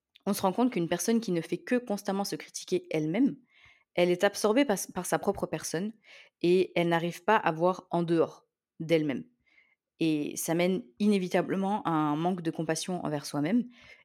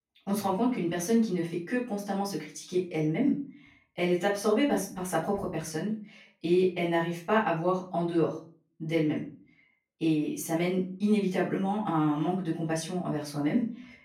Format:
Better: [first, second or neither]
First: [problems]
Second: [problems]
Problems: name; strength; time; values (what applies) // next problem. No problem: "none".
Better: first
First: none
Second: off-mic speech; far // room echo; slight; dies away in 0.3 s